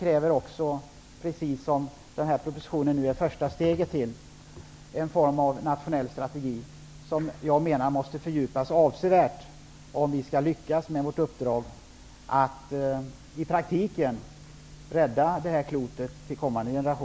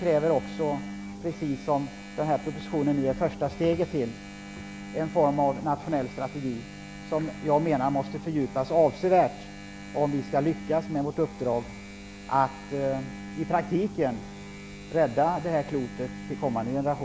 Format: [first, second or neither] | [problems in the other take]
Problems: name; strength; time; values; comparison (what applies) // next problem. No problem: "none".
first | background sound (Engine); 13 dB below the speech